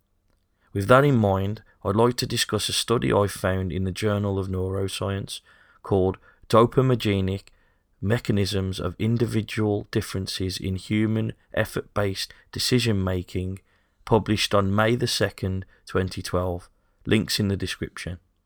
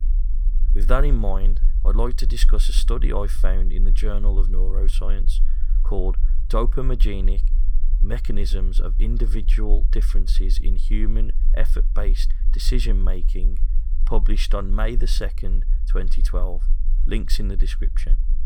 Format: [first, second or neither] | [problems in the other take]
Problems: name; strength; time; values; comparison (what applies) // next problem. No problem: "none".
first | low rumble; noticeable; throughout; 20 dB below the speech